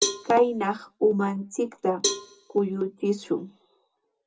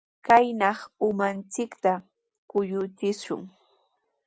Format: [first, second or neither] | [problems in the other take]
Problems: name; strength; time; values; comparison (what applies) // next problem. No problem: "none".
second | background sound (Cowbell); 8 dB below the speech // room echo; dies away in 0.2 s